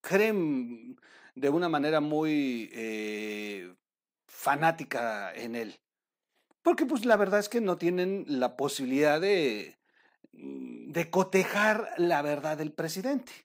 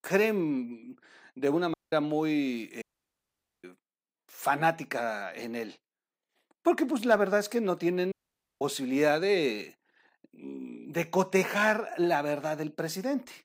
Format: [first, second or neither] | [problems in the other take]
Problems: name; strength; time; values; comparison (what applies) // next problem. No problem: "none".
first | audio cutting out; at 1.5 s, at 3 s for 1 s and at 8 s